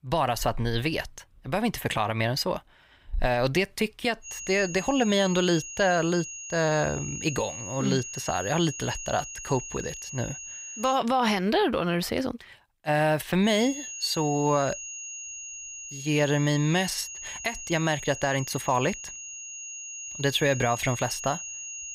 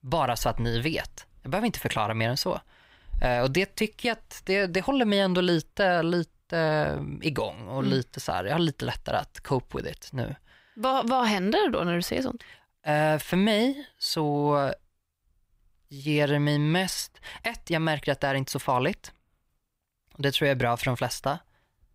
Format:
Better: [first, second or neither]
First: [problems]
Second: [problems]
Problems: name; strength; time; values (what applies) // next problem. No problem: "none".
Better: second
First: high-pitched whine; loud; from 4.5 to 11 s and from 13 s on; 6.5 kHz, 9 dB below the speech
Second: none